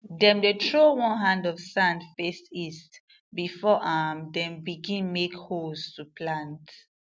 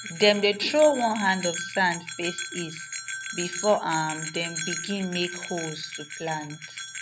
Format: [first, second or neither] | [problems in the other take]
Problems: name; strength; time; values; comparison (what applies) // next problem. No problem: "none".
first | background sound (Bell); 9 dB below the speech